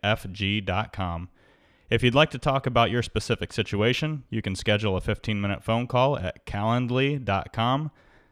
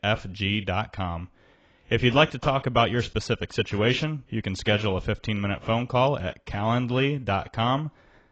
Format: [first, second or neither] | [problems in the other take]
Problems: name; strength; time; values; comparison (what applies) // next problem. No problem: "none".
first | garbled, watery; badly; nothing above 7.5 kHz